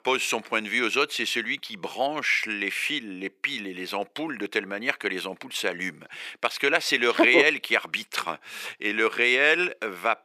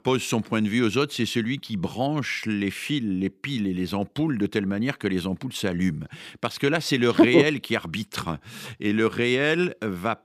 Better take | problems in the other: second | thin; very; fading below 550 Hz

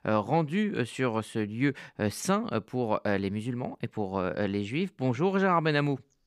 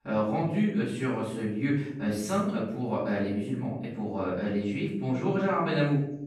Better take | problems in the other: first | off-mic speech; far // room echo; noticeable; dies away in 0.7 s

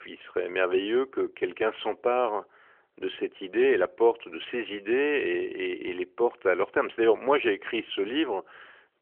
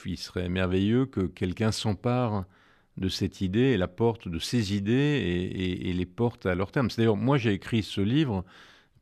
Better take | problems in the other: second | phone-call audio; nothing above 3 kHz

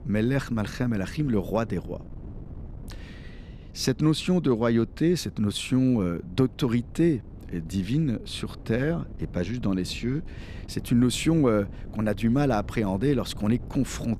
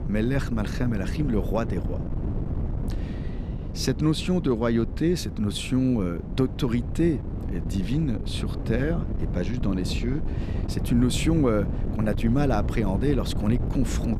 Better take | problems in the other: first | wind noise on the microphone; heavy; 10 dB below the speech; occasional gusts in the first

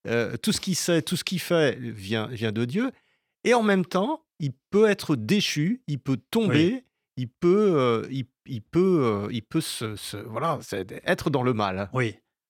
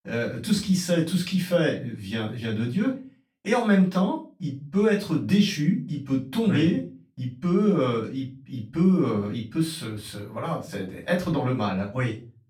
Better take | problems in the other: first | room echo; slight; dies away in 0.3 s // off-mic speech; far

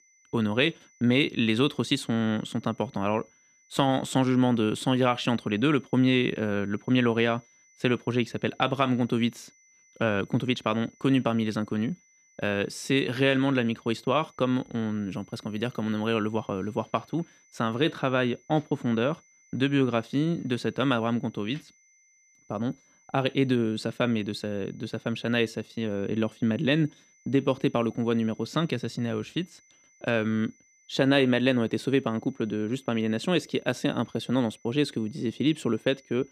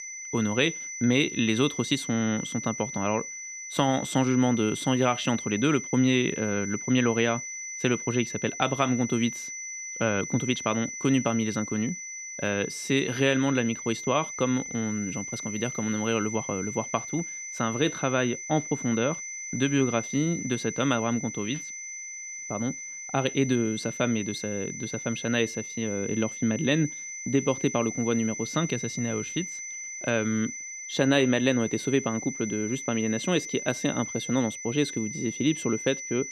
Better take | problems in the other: first | high-pitched whine; loud; throughout; 6 kHz, 7 dB below the speech; faint in the first

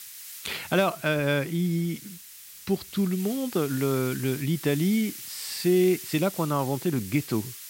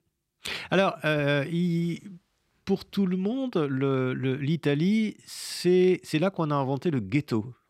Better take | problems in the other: second | hiss; noticeable; throughout; 10 dB below the speech

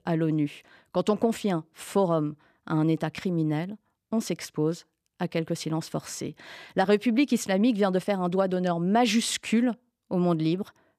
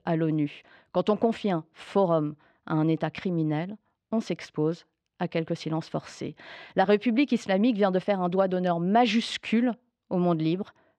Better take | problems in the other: first | muffled; slightly; fading above 3.5 kHz

